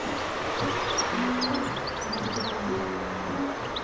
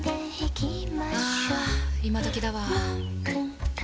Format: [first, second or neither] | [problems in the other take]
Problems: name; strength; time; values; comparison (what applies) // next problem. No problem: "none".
second | background sound (Bird); 4 dB above the speech // room echo; dies away in 0.3 s